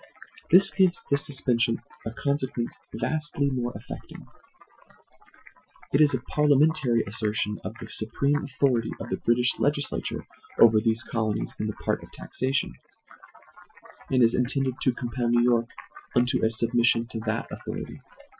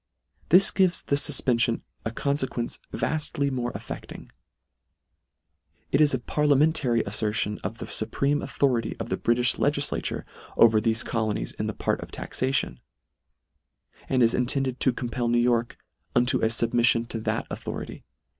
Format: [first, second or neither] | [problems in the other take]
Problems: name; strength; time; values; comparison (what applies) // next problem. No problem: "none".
second | noise reduction (classical method Wiener filter)